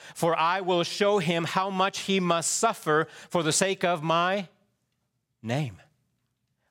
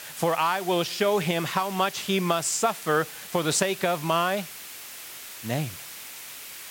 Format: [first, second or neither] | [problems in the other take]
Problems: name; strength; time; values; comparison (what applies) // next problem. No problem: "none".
first | hiss; noticeable; throughout; 15 dB below the speech